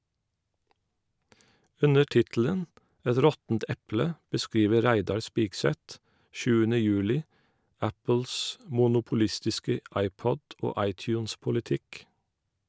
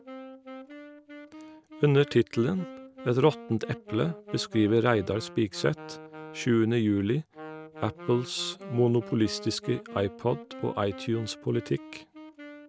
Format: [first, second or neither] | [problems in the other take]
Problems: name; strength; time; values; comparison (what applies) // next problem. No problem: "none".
first | background sound (Wind instrument, woodwind instrument); 16 dB below the speech